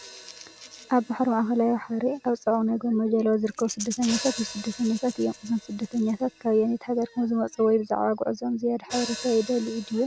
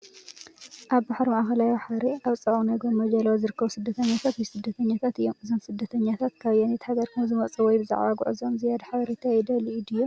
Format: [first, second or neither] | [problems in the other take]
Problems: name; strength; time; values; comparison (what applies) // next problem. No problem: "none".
second | background sound (Hi-hat + Rattle / Rattle (instrument)); 16 dB below the speech